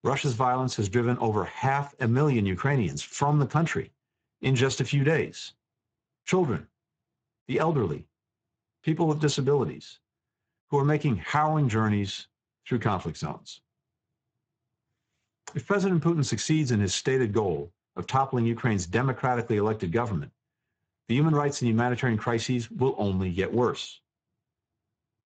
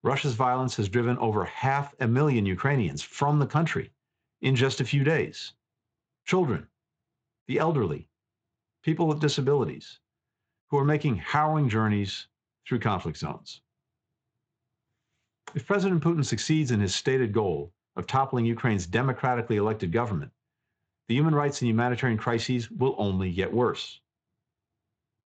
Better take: second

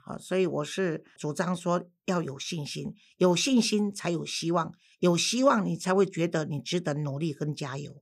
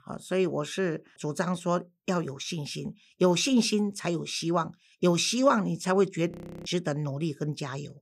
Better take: first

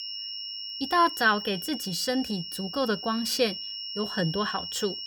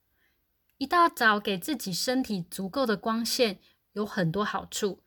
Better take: second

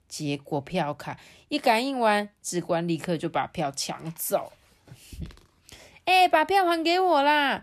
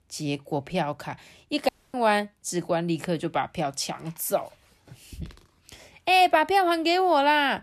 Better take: first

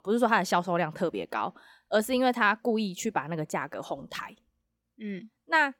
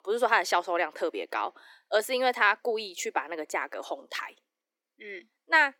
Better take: first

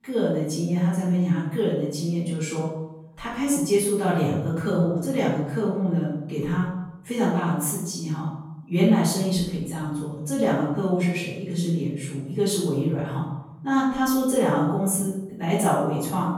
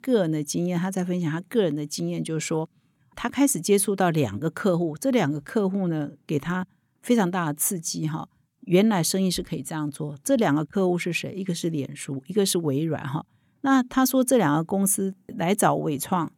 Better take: second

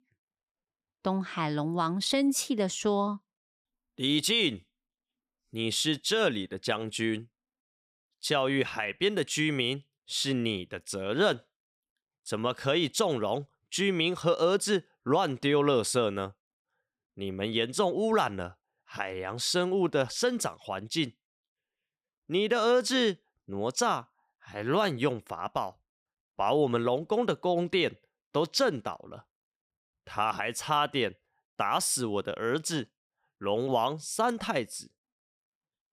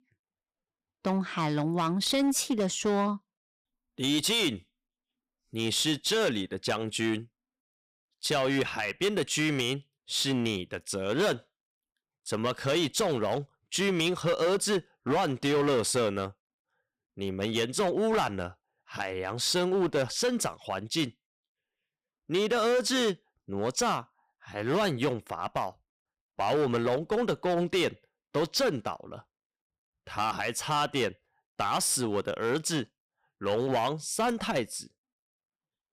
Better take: first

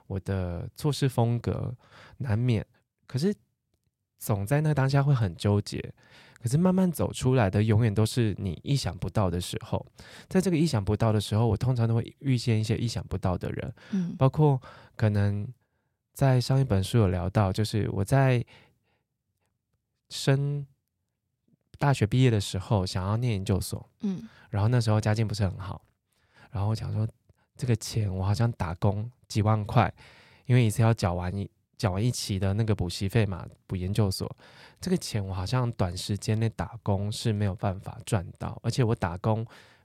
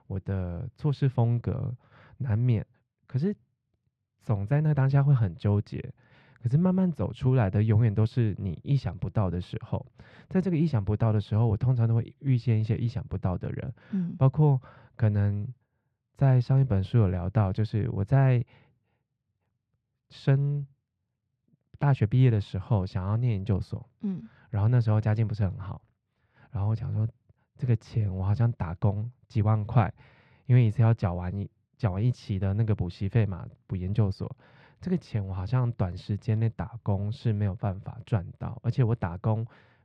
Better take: first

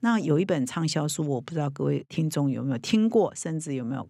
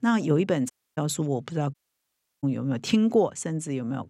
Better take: first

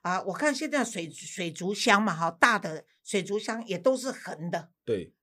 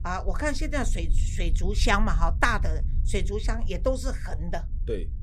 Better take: first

